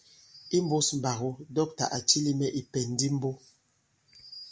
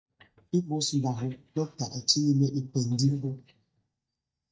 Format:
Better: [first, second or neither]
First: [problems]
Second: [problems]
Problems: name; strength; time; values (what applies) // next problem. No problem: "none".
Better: first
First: none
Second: noise reduction (neural mask model DeepFilterNet 3)